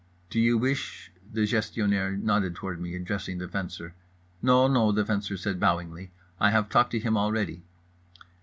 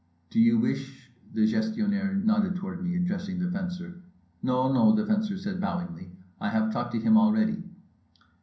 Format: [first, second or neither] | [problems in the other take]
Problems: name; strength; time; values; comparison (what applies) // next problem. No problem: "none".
first | room echo; dies away in 0.6 s